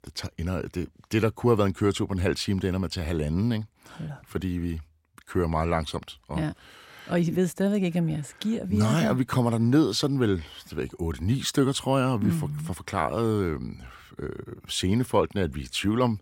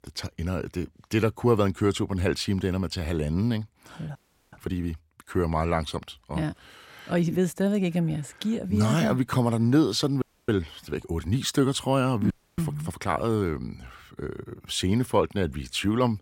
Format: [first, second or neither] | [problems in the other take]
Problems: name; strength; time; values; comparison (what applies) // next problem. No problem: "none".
first | audio freezing; at 4 s, at 10 s and at 12 s